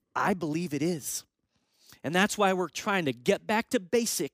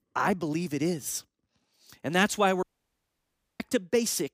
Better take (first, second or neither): first